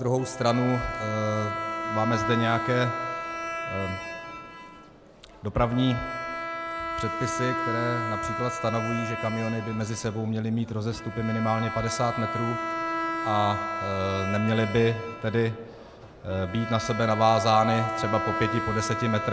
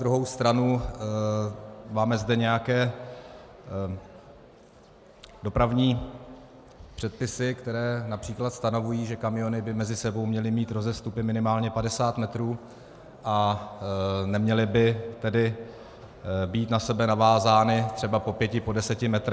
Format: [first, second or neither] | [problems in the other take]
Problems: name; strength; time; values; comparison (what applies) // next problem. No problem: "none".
second | background sound (Bowed string instrument); 5 dB below the speech